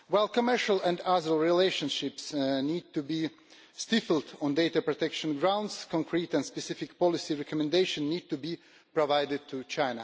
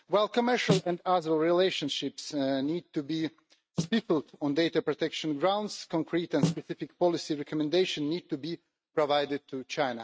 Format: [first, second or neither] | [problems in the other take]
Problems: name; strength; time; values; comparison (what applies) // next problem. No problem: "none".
first | noise reduction (neural mask model RNNoise)